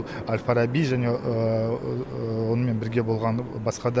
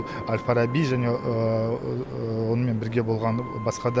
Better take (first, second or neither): first